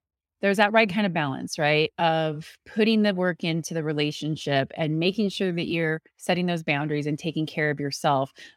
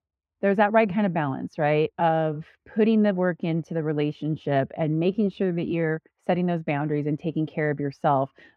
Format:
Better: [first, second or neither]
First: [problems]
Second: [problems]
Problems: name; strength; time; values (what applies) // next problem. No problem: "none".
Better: first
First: none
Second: muffled; very; fading above 3.5 kHz